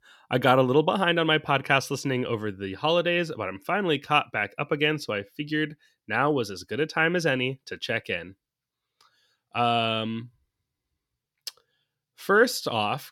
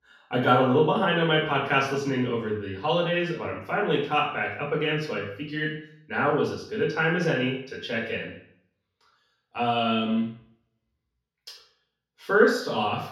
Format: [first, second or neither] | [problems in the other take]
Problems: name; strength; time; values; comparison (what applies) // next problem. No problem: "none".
first | room echo; noticeable; dies away in 0.6 s // off-mic speech; far